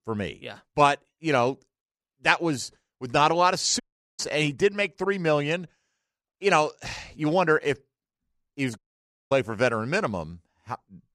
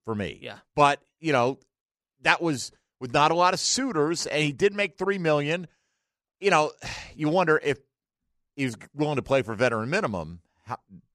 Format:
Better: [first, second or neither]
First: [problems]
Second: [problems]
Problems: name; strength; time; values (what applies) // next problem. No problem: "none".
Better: second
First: audio cutting out; at 4 s and at 9 s for 0.5 s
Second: none